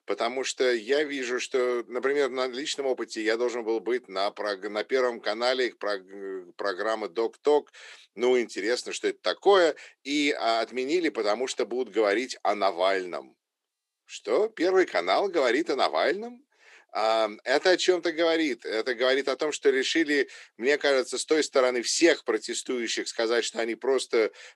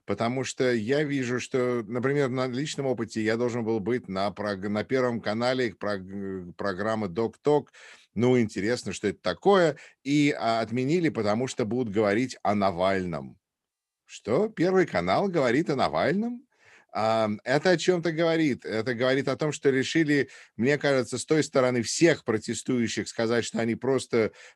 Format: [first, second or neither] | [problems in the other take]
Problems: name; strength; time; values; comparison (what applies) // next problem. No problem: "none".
second | thin; somewhat; fading below 350 Hz